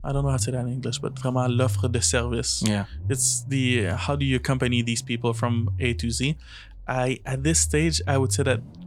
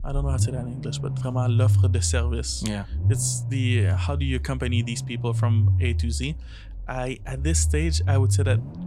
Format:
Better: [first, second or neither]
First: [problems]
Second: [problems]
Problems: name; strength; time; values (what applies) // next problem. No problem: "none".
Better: first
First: low rumble; faint; throughout; 20 dB below the speech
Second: low rumble; loud; throughout; 8 dB below the speech